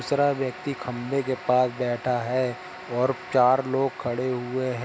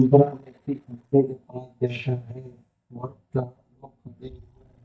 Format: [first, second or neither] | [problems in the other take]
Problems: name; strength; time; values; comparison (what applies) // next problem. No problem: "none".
first | noise reduction (neural mask model DeepFilterNet 3)